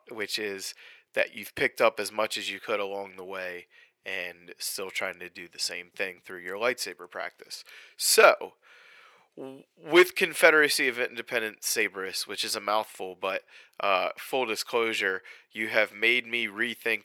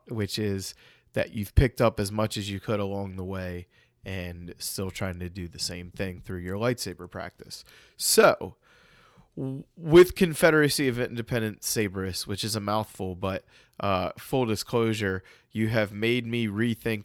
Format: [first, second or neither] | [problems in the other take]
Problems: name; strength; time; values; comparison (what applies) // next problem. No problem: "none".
second | thin; very; fading below 500 Hz